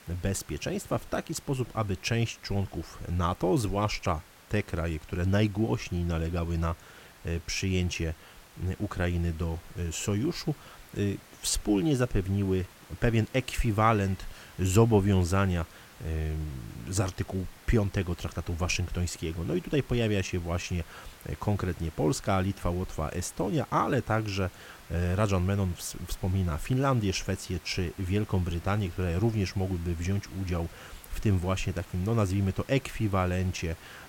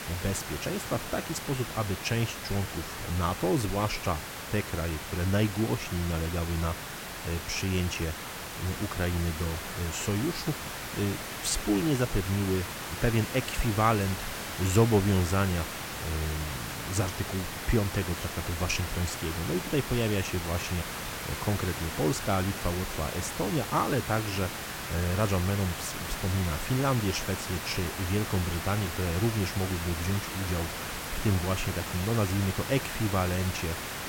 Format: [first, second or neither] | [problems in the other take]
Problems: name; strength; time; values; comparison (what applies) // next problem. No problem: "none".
first | hiss; loud; throughout; 5 dB below the speech; faint in the first